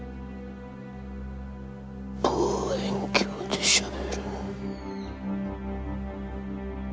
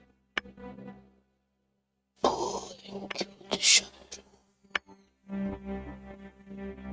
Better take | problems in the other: first | noise reduction (neural mask model RNNoise)

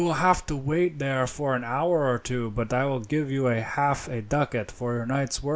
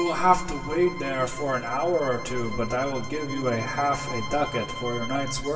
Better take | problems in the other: first | background sound (Bowed string instrument); 12 dB below the speech // room echo; dies away in 2.5 s

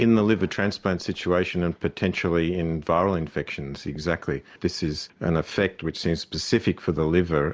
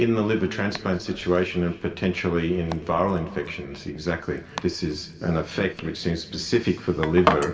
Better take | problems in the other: first | background sound (Domestic sounds, home sounds); 10 dB below the speech // room echo; dies away in 2.8 s

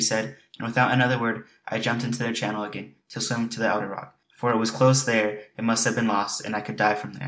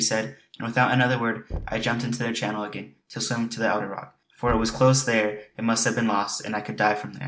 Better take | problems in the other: first | background sound (Knock / Wood); 16 dB below the speech

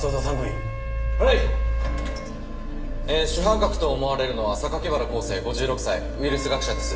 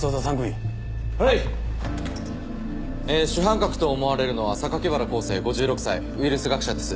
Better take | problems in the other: second | background sound (Wind instrument, woodwind instrument); 18 dB below the speech // room echo; dies away in 0.8 s

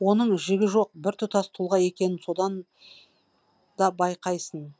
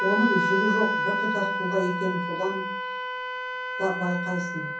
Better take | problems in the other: first | background sound (Wind instrument, woodwind instrument); as loud as the speech // room echo; dies away in 0.6 s

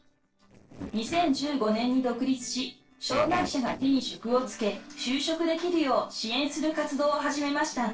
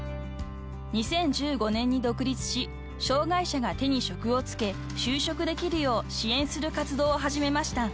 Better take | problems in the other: second | noise reduction (neural separator model SepFormer DNS4)

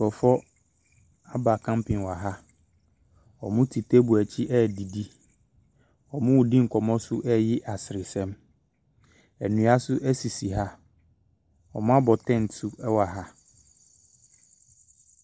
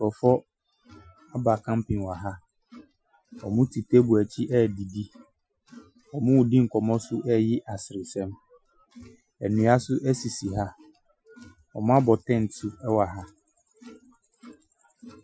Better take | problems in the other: first | noise reduction (classical method Wiener filter)

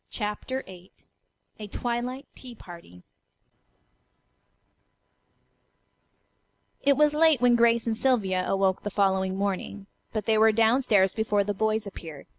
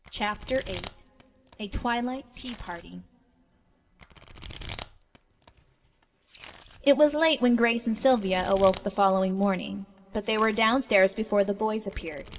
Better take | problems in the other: first | background sound (Domestic sounds, home sounds); 19 dB below the speech // room echo; dies away in 1.7 s

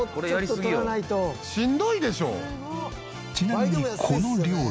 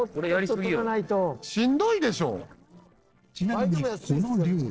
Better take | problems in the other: first | noise reduction (neural separator model SepFormer DNS4)

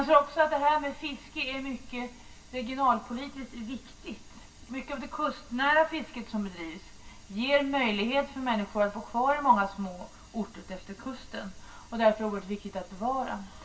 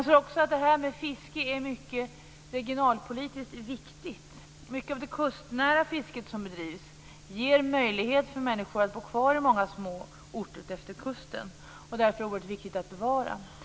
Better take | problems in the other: second | room echo; dies away in 0.2 s

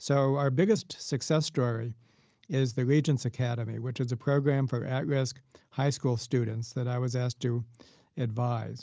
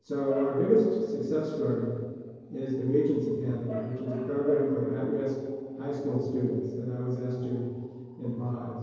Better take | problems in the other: first | noise reduction (neural separator model SepFormer DNS4)

